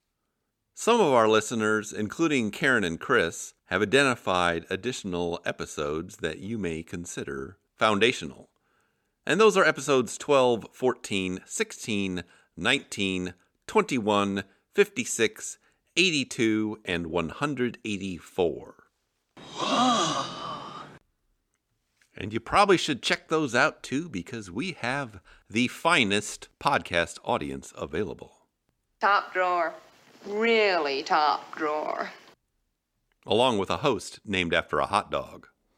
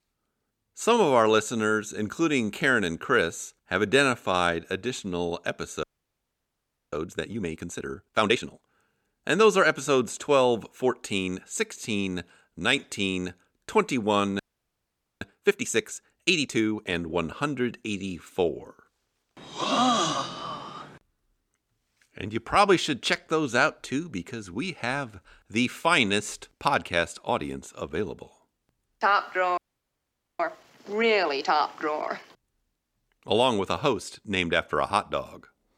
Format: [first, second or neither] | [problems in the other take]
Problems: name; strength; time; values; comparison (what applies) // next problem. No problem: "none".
first | audio freezing; at 6 s for 1 s, at 14 s for 1 s and at 30 s for 1 s